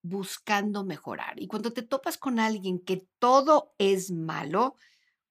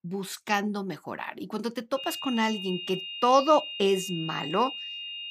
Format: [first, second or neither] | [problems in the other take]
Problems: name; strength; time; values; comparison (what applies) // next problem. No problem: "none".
first | high-pitched whine; loud; from 2 s on; 3 kHz, 7 dB below the speech